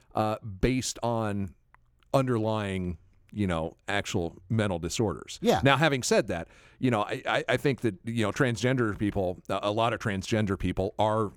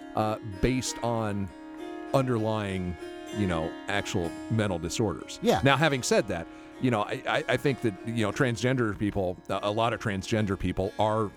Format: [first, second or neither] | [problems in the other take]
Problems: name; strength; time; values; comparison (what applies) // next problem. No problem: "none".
first | background music; noticeable; throughout; 15 dB below the speech